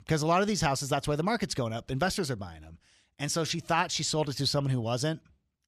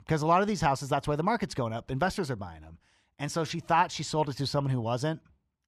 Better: first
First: none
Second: muffled; slightly; fading above 3 kHz

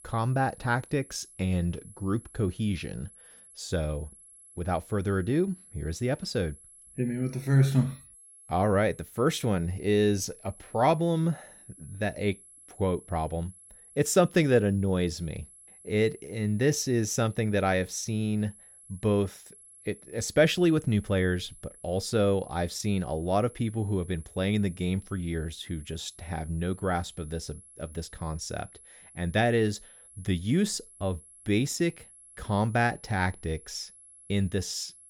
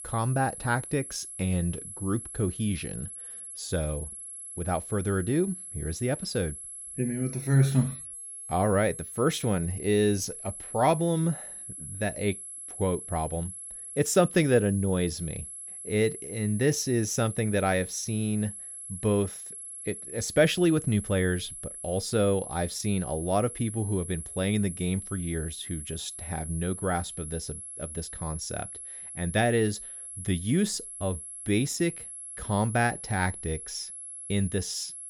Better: first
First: high-pitched whine; faint; throughout; 11 kHz, 20 dB below the speech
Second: high-pitched whine; loud; throughout; 11 kHz, 9 dB below the speech

